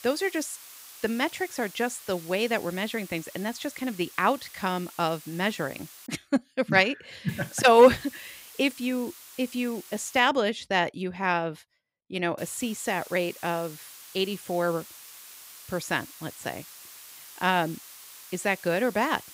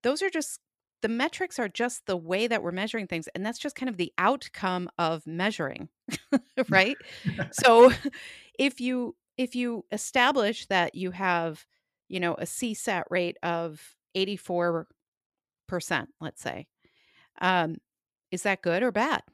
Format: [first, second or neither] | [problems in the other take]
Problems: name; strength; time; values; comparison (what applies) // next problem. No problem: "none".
second | hiss; noticeable; until 6 s, from 7.5 to 10 s and from 12 s on; 15 dB below the speech